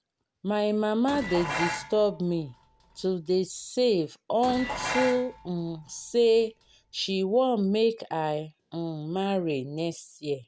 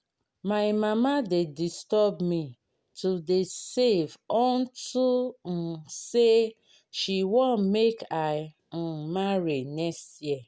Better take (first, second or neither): second